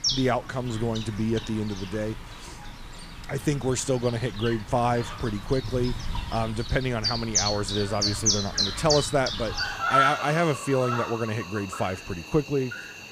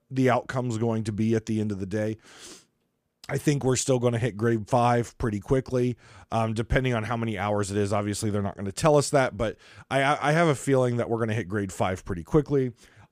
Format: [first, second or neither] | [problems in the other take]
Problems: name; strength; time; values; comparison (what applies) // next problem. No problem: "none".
second | animal sounds; loud; throughout; 2 dB below the speech